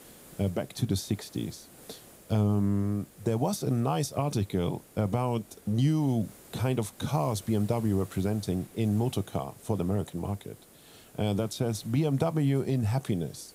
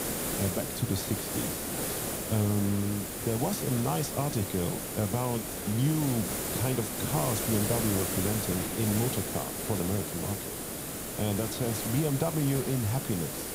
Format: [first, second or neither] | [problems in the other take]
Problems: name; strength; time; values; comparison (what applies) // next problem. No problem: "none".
first | hiss; loud; throughout; 1 dB below the speech; faint in the first